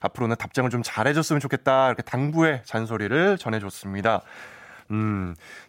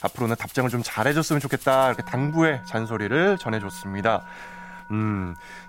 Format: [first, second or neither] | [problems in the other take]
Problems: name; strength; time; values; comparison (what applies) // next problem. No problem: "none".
first | background music; noticeable; throughout; 15 dB below the speech